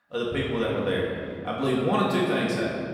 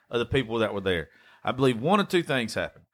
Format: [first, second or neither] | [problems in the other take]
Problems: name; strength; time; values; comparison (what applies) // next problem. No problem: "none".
second | off-mic speech; far // room echo; noticeable; dies away in 2.3 s